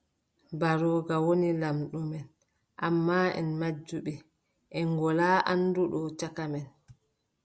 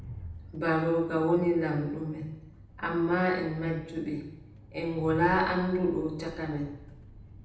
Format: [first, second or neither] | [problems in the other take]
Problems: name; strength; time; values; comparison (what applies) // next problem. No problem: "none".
first | background sound (Train); 17 dB below the speech // room echo; dies away in 0.8 s